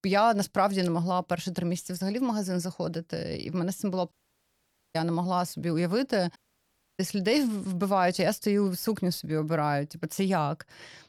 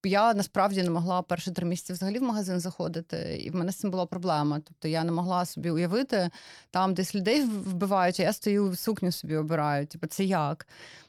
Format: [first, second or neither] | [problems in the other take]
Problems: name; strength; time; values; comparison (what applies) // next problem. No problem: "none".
second | audio cutting out; at 4 s for 1 s and at 6.5 s for 0.5 s